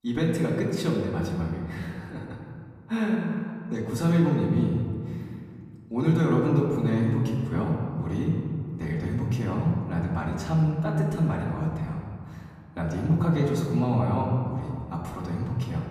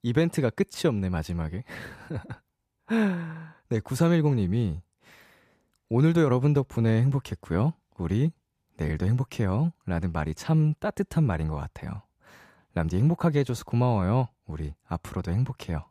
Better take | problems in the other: second | off-mic speech; far // room echo; noticeable; dies away in 1.9 s

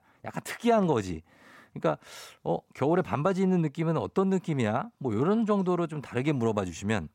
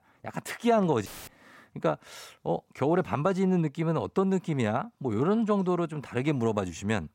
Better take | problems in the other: first | audio cutting out; filled with static; at 1 s

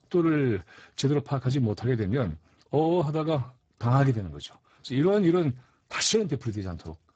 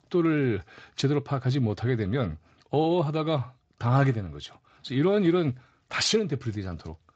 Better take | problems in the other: second | garbled, watery; badly; nothing above 7.5 kHz; slightly in the second

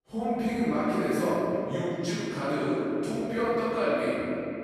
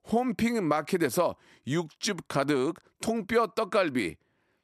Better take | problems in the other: second | off-mic speech; far // room echo; strong; dies away in 3 s

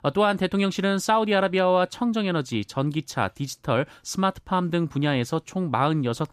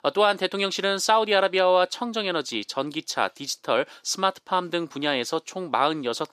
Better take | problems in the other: first | thin; somewhat; fading below 400 Hz

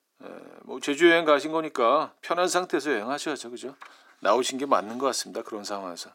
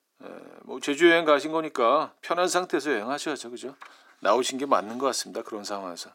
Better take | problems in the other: neither | thin; somewhat; fading below 300 Hz; the same in both

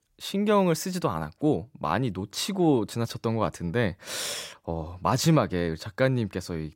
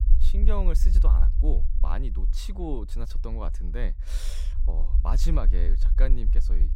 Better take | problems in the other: first | low rumble; noticeable; throughout; 10 dB below the speech

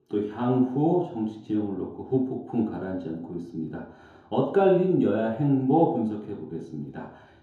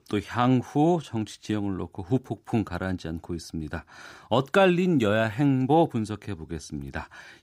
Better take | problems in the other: second | room echo; noticeable; dies away in 1.7 s // off-mic speech; far

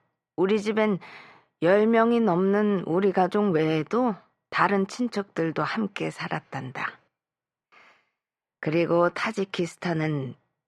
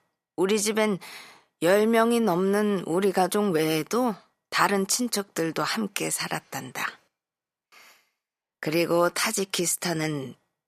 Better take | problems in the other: second | muffled; slightly; fading above 2.5 kHz

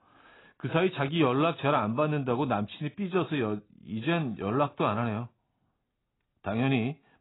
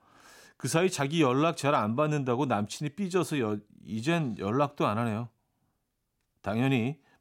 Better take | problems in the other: second | garbled, watery; badly; nothing above 4 kHz

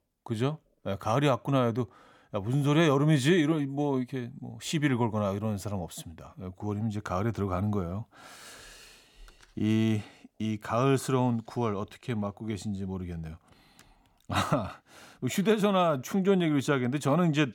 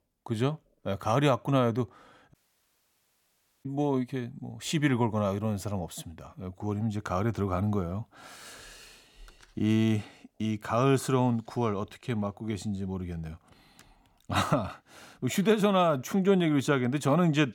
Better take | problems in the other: first | audio cutting out; at 2.5 s for 1.5 s

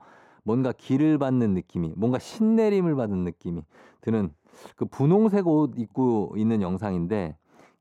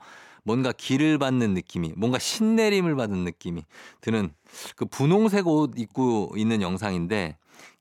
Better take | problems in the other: second | muffled; slightly; fading above 1.5 kHz

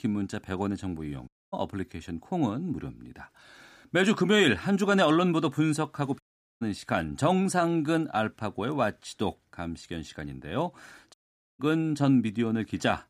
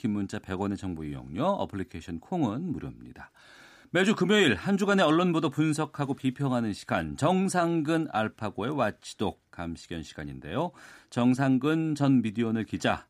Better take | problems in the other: second | audio cutting out; at 1.5 s, at 6 s and at 11 s

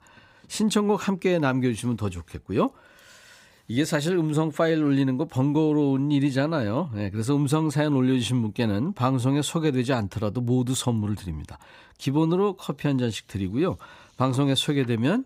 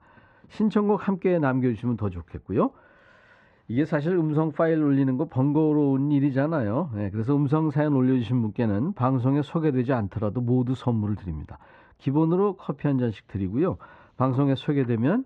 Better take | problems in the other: first | muffled; very; fading above 1.5 kHz

